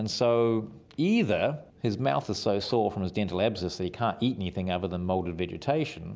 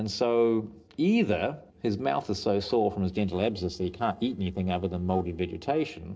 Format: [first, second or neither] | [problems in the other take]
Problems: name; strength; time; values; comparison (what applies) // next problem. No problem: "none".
first | noise reduction (neural separator model SepFormer DNS4)